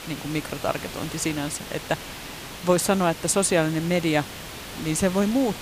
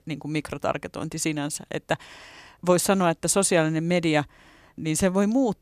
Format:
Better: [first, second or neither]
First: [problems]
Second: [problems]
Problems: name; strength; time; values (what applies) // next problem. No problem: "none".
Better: second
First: hiss; noticeable; throughout; 10 dB below the speech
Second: none